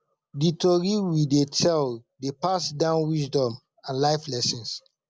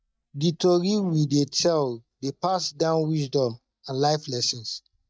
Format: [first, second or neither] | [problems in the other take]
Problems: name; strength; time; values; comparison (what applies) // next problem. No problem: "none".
first | noise reduction (neural mask model DeepFilterNet 3)